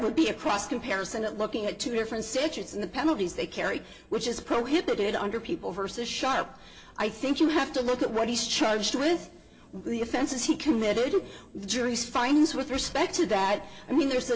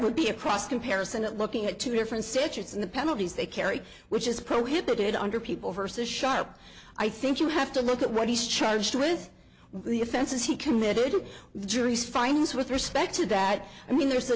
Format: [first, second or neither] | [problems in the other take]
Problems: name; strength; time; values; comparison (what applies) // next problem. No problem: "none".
second | room echo; dies away in 0.4 s